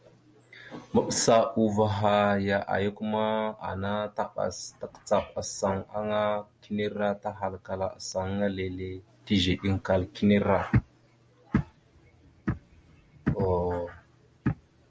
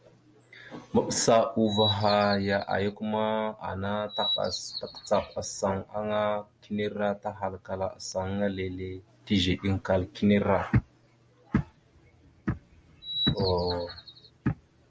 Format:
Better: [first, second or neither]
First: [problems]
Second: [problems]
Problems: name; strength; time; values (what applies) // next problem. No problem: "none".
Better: first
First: none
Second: background sound (Bird vocalization, bird call, bird song); 6 dB below the speech